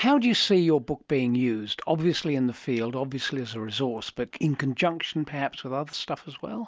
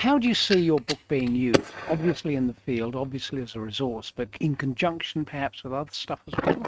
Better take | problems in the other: first | noise reduction (neural mask model RNNoise)

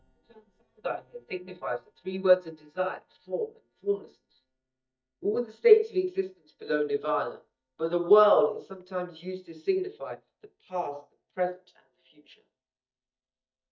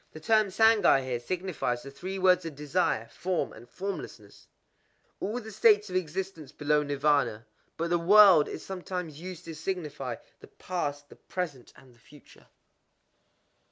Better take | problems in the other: second | noise reduction (neural mask model DeepFilterNet 3)

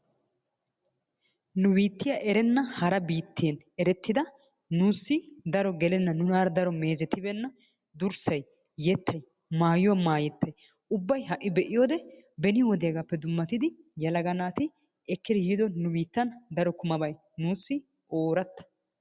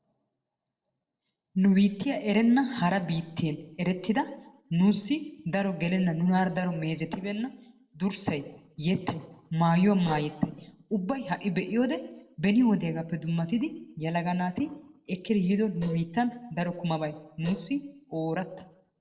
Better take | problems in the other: first | noise reduction (neural separator model SepFormer DNS4)

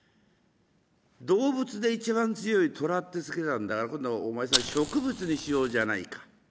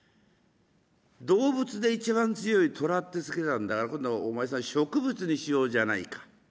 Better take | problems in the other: second | background sound (Fire); 4 dB below the speech

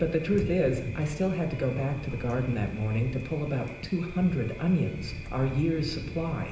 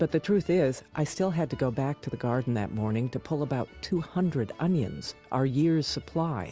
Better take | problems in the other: second | background sound (Thunder); 10 dB below the speech // room echo; dies away in 0.9 s

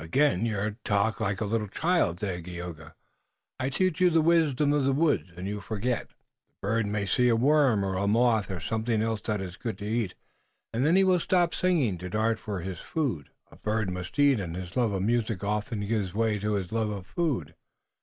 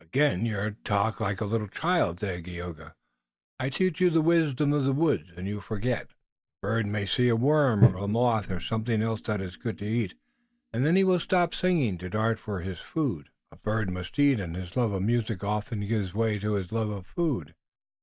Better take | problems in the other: first | noise reduction (neural mask model DeepFilterNet 3)

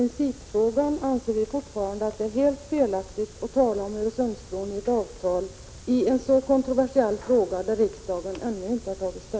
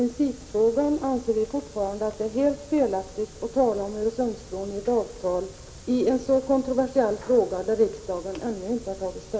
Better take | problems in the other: first | room echo; dies away in 1.2 s

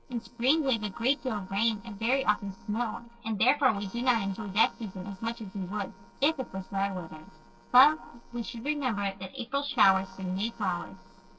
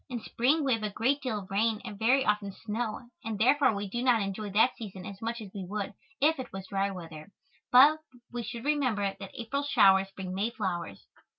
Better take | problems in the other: second | noise reduction (neural separator model SepFormer DNS4)

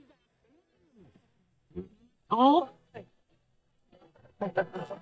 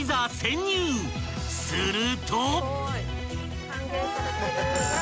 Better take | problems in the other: second | noise reduction (neural mask model DeepFilterNet 3)

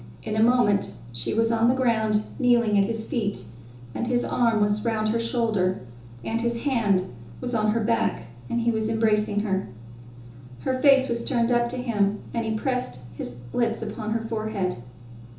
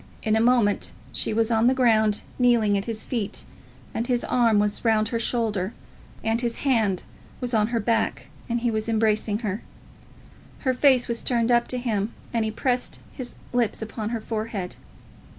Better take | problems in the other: second | room echo; dies away in 0.6 s

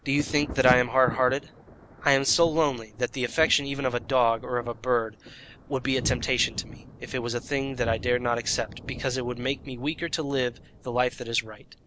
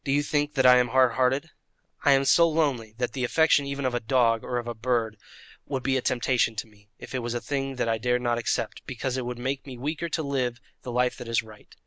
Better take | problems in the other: second | background sound (Thunder); 12 dB below the speech

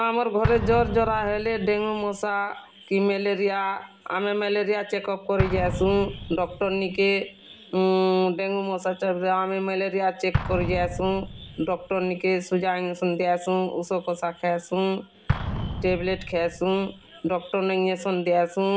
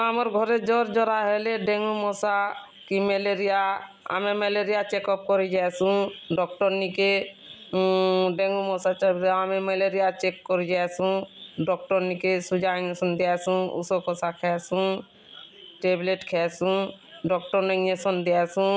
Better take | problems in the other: second | background sound (Explosion); 10 dB below the speech // room echo; dies away in 0.3 s

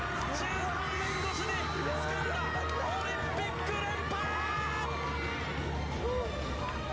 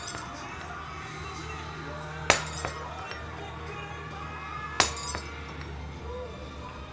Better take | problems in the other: first | background sound (Shatter); 1 dB above the speech // room echo; dies away in 2.5 s

